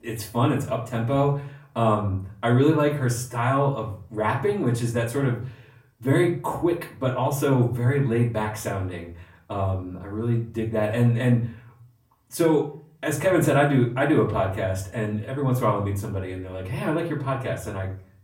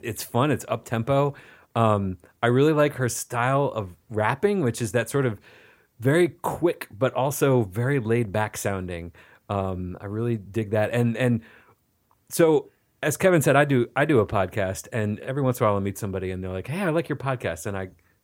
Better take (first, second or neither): second